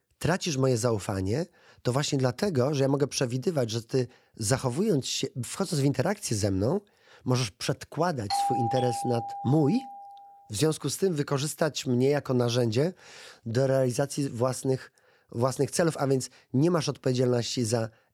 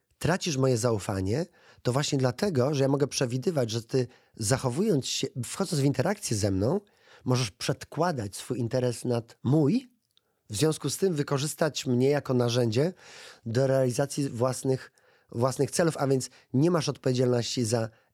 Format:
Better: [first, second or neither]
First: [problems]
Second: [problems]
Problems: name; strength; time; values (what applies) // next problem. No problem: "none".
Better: second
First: doorbell; loud; from 8.5 to 10 s; peak level with the speech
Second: none